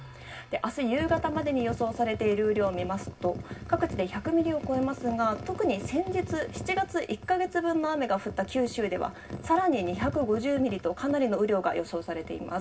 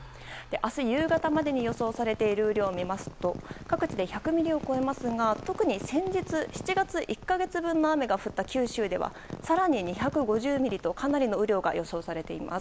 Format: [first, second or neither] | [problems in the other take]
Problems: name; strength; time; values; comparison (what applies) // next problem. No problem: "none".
second | room echo; dies away in 0.4 s